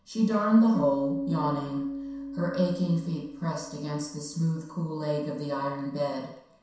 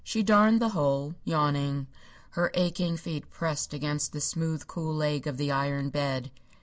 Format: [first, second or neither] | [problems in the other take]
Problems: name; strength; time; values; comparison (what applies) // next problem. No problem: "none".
second | background sound (Bass guitar); 10 dB below the speech // room echo; dies away in 0.7 s